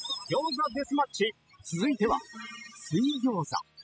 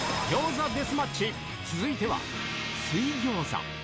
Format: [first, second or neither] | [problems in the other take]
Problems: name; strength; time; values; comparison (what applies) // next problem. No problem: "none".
second | noise reduction (classical method spectral subtraction)